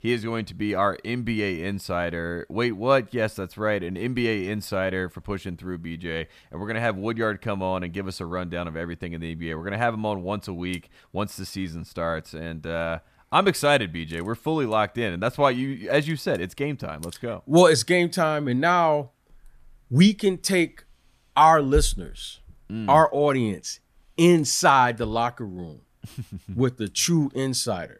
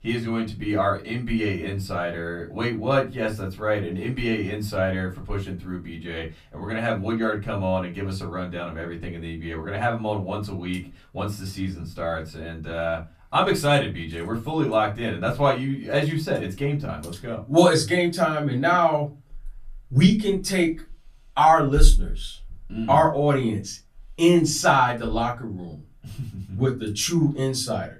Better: first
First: none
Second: off-mic speech; far // room echo; very slight; dies away in 0.2 s

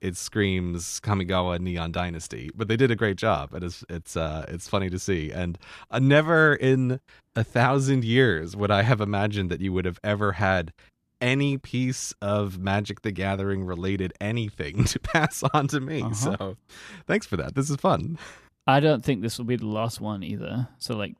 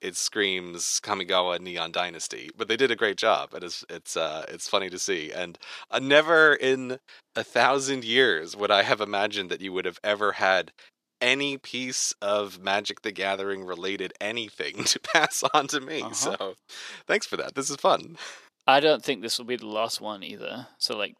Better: first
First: none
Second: thin; somewhat; fading below 450 Hz

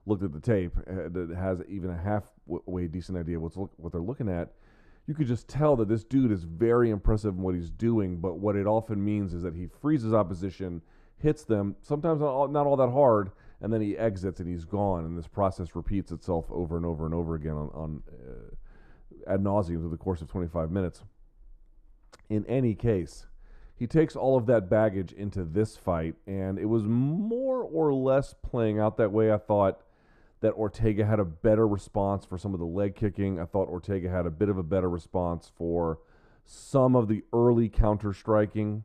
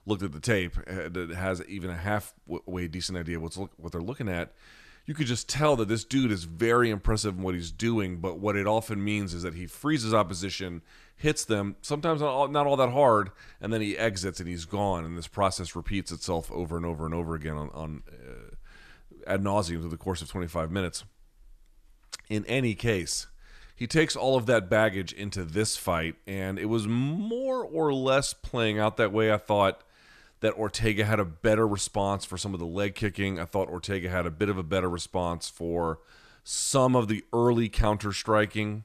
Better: second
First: muffled; very; fading above 1.5 kHz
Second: none

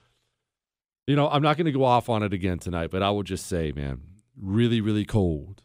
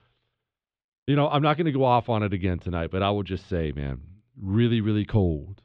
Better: first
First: none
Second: muffled; slightly; fading above 3.5 kHz

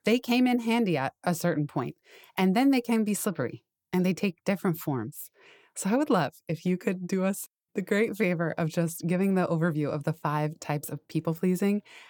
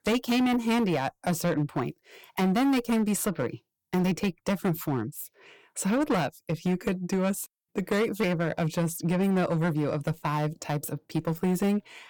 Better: first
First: none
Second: distortion; slight; 11% of the sound clipped

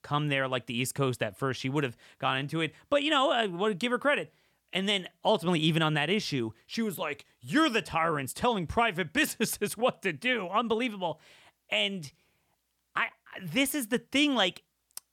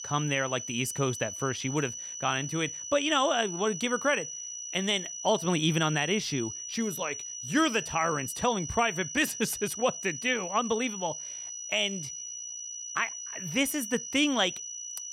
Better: first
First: none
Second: high-pitched whine; loud; throughout; 6 kHz, 7 dB below the speech

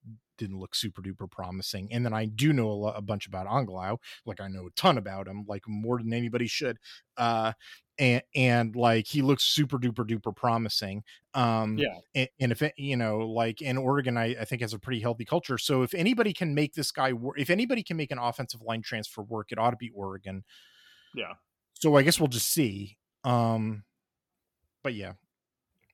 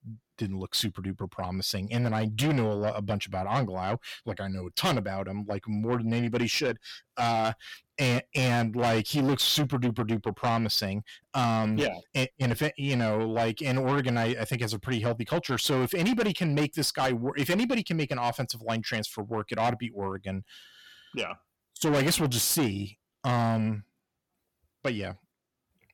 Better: first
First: none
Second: distortion; heavy; 6 dB below the speech

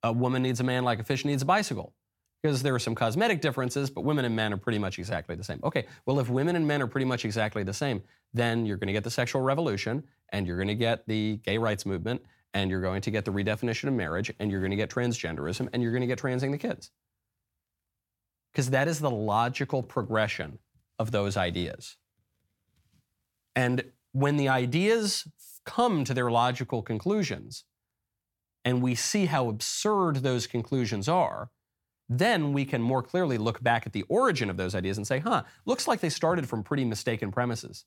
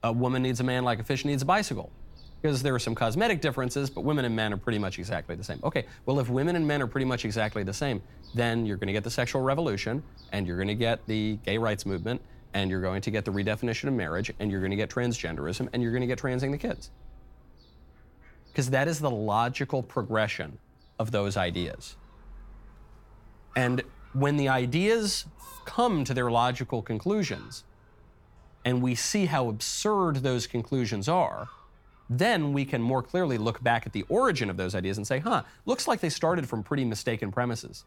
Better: first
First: none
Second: animal sounds; faint; throughout; 25 dB below the speech

